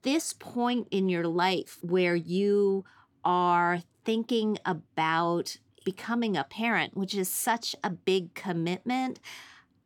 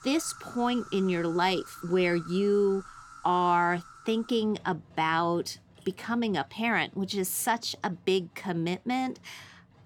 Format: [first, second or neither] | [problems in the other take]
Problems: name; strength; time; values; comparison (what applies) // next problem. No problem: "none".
first | animal sounds; faint; throughout; 20 dB below the speech